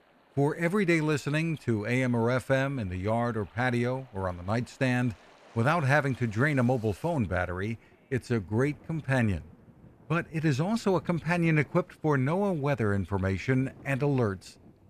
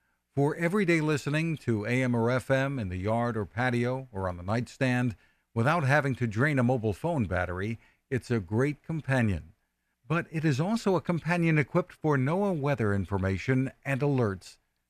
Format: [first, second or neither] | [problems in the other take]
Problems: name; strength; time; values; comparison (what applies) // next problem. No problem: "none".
second | rain or running water; faint; throughout; 25 dB below the speech